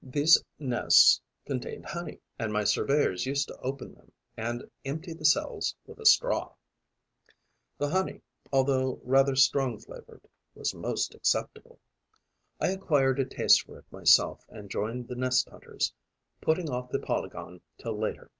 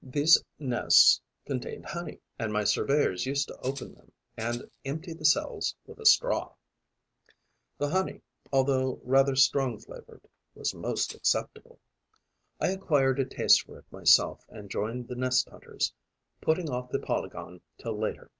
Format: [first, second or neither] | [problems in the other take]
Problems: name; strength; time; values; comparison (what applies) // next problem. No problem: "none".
first | background sound (Rattle (instrument)); 15 dB below the speech